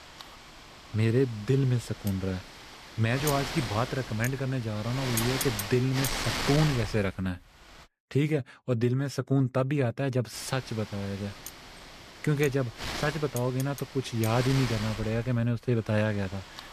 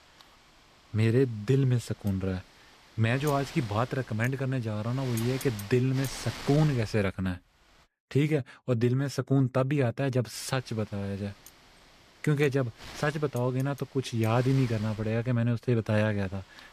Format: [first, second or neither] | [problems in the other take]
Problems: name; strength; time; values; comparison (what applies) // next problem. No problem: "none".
second | wind noise on the microphone; heavy; until 8 s and from 10 s on; 4 dB below the speech; occasional gusts in the second